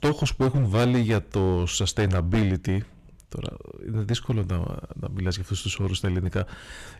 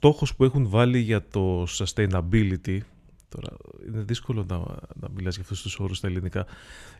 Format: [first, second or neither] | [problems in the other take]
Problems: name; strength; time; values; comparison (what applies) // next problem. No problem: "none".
second | distortion; heavy; 9% of the sound clipped